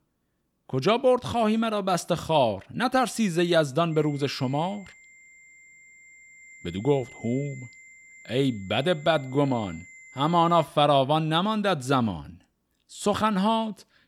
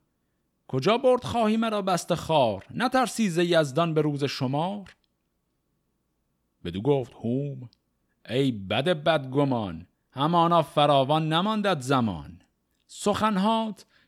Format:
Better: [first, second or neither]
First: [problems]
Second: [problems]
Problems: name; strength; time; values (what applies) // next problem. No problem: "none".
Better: second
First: high-pitched whine; faint; from 4 to 11 s; 2 kHz, 25 dB below the speech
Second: none